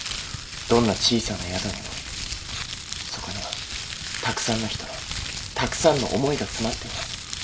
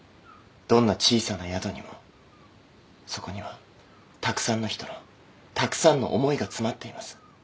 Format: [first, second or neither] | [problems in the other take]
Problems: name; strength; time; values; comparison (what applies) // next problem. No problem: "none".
second | background sound (Crumpling, crinkling); 5 dB below the speech